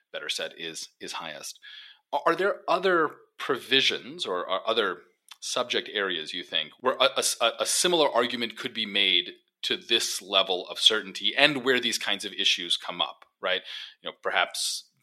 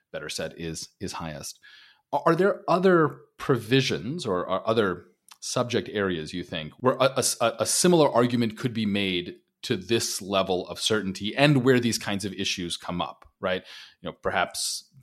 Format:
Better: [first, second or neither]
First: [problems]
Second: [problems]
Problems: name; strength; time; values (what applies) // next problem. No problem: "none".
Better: second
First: thin; somewhat; fading below 400 Hz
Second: none